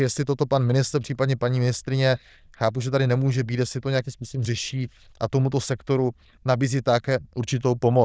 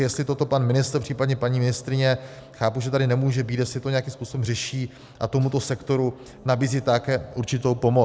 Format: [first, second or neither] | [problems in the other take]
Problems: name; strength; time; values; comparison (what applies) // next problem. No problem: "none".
second | noise reduction (neural diffusion model UNIVERSE++)